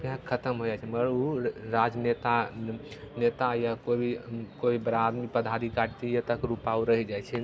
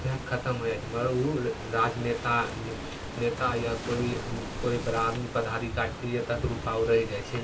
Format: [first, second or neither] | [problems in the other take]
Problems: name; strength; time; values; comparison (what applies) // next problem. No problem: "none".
first | background sound (Waves, surf); 9 dB below the speech // room echo; dies away in 0.2 s